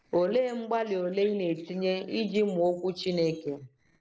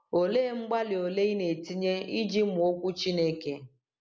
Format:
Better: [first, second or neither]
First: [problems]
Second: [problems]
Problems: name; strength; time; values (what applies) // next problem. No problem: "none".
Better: second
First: noise reduction (neural separator model SepFormer DNS4)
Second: none